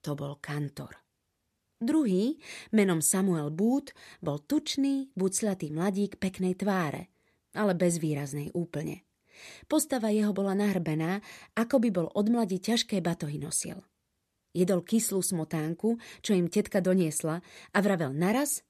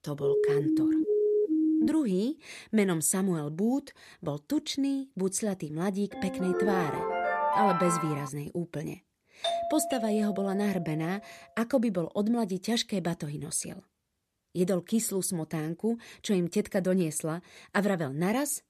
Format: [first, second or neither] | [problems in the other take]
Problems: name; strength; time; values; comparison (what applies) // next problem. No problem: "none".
first | siren; loud; until 2 s; peak 4 dB above the speech // phone ringing; loud; from 6 to 8.5 s; peak 4 dB above the speech // doorbell; noticeable; from 9.5 to 11 s; peak 1 dB below the speech